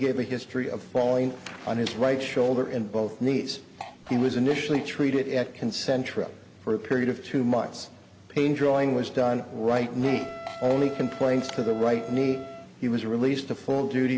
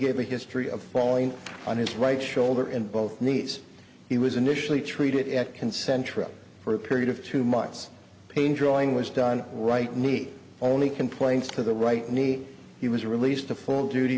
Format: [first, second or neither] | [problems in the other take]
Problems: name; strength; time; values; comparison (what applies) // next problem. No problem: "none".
second | background sound (Fart + Wind instrument, woodwind instrument); 14 dB below the speech